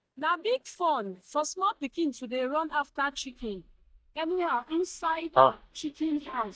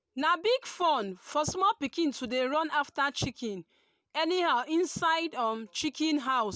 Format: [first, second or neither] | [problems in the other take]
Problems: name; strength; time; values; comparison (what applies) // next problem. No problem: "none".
second | noise reduction (neural mask model DeepFilterNet 3)